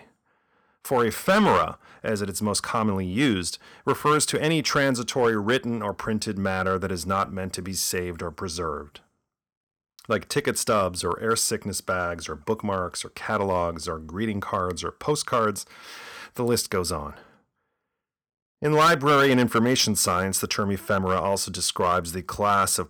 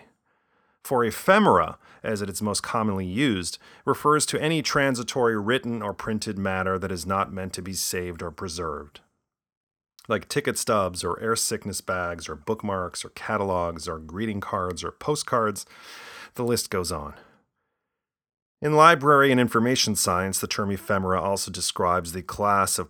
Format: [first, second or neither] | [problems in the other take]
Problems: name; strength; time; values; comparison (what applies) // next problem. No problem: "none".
second | distortion; slight; 2% of the sound clipped